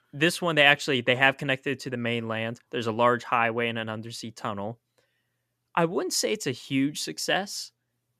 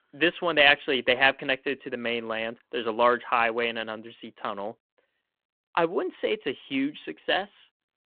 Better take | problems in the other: first | phone-call audio

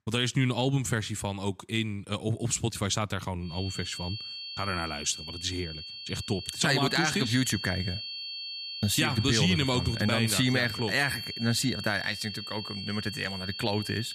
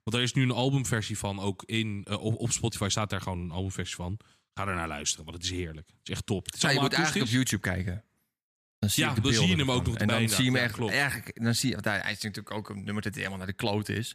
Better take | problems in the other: second | high-pitched whine; loud; from 3.5 s on; 4.5 kHz, 7 dB below the speech

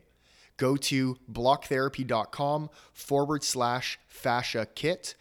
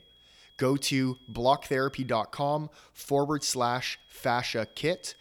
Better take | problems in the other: first | high-pitched whine; faint; until 2 s and from 3.5 s on; 3.5 kHz, 30 dB below the speech

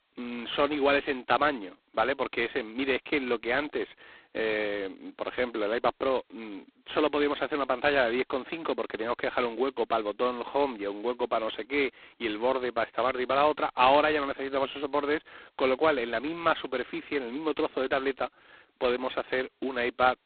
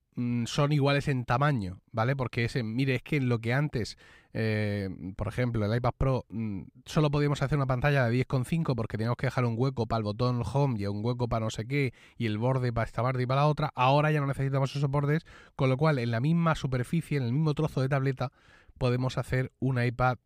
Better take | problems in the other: second | phone-call audio; poor line; nothing above 4 kHz

